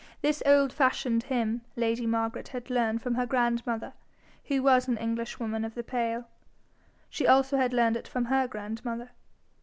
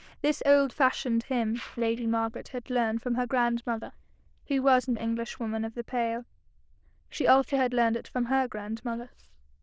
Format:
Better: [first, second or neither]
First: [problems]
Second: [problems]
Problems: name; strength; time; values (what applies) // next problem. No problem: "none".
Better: first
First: none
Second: noise reduction (neural diffusion model UNIVERSE++)